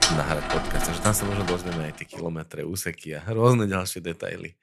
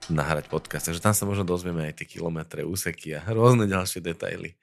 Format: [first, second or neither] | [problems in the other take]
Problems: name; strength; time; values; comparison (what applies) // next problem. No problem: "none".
second | household noises; loud; until 1.5 s; 2 dB below the speech; faint in the second